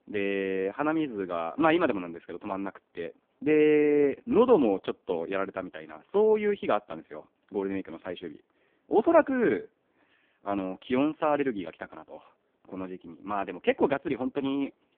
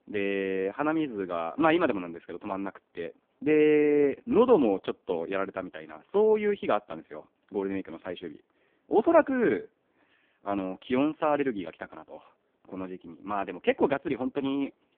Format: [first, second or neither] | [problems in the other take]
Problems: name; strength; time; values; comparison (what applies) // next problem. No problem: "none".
neither | phone-call audio; poor line; the same in both